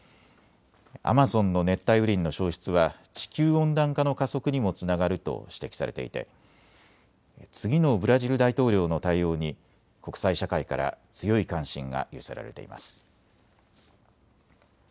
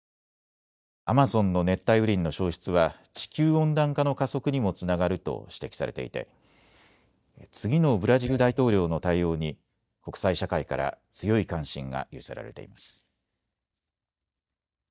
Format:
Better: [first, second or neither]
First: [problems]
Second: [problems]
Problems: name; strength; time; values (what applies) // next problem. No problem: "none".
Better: first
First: none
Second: noise reduction (neural mask model DeepFilterNet 3)